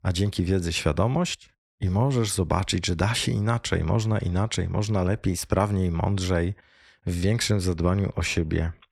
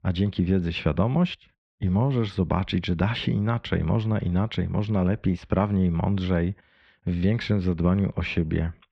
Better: first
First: none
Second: muffled; slightly; fading above 3.5 kHz

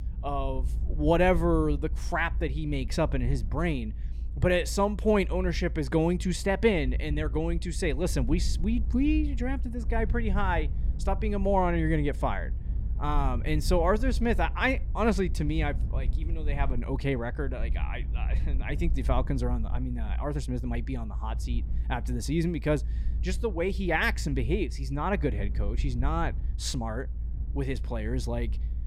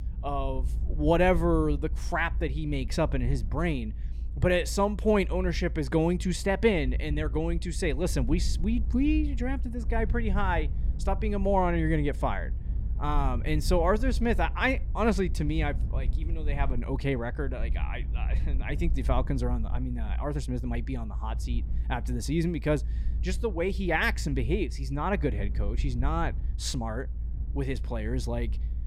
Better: neither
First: low rumble; faint; throughout; 20 dB below the speech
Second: low rumble; faint; throughout; 20 dB below the speech

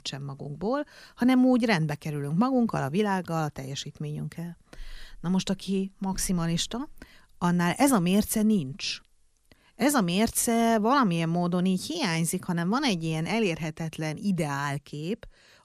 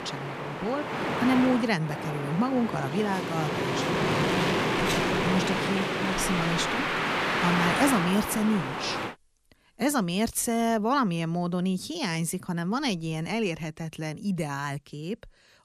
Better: first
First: none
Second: wind noise on the microphone; heavy; until 9 s; 3 dB above the speech

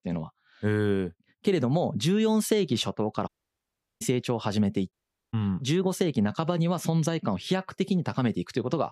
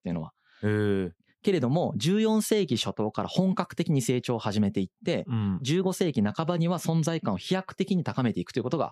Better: second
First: audio cutting out; at 3.5 s for 0.5 s and at 5 s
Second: none

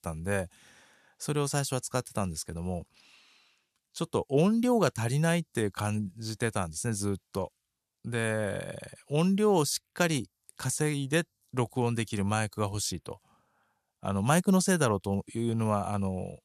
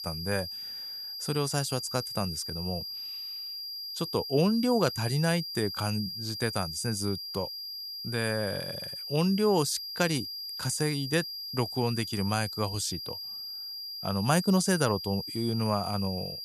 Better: first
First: none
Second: high-pitched whine; loud; throughout; 5 kHz, 6 dB below the speech

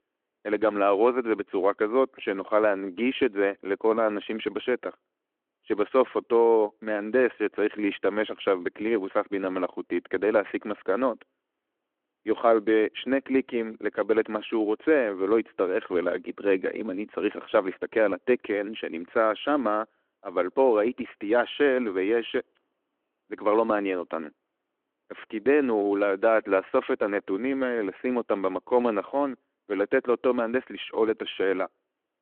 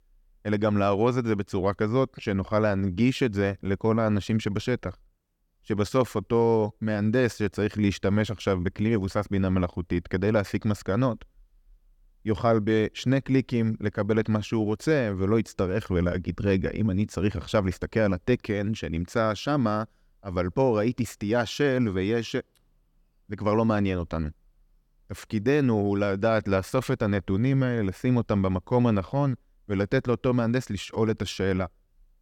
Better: second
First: phone-call audio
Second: none

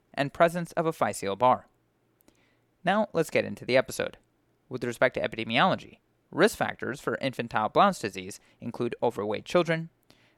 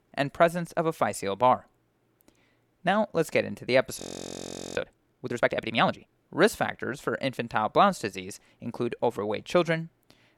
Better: first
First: none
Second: audio freezing; at 4 s for 1 s

